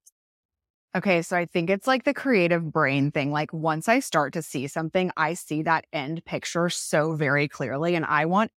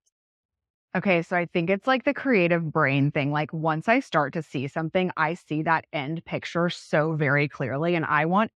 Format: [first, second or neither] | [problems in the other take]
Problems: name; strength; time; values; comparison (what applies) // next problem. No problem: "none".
first | muffled; slightly; fading above 3 kHz